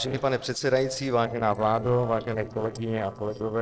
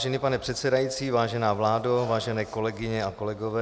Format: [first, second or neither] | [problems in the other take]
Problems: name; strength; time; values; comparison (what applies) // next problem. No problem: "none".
second | noise reduction (neural separator model SepFormer DNS4)